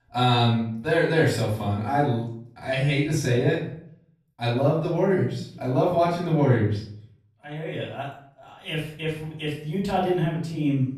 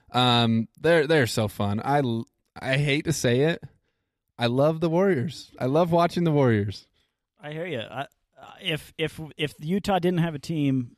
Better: second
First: off-mic speech; far // room echo; noticeable; dies away in 0.5 s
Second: none

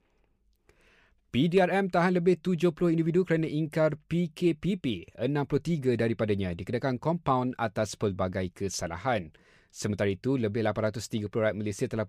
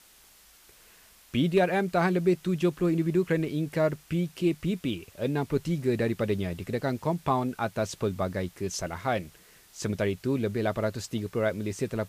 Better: first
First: none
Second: hiss; faint; throughout; 25 dB below the speech

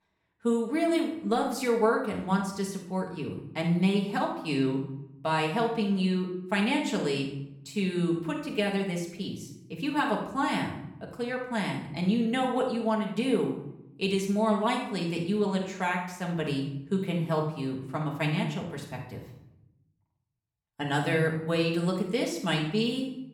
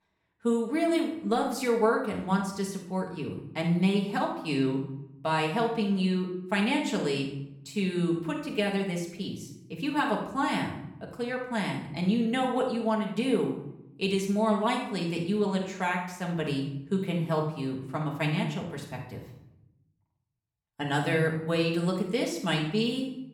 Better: neither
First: room echo; noticeable; dies away in 0.7 s // off-mic speech; somewhat distant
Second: room echo; noticeable; dies away in 0.7 s // off-mic speech; somewhat distant

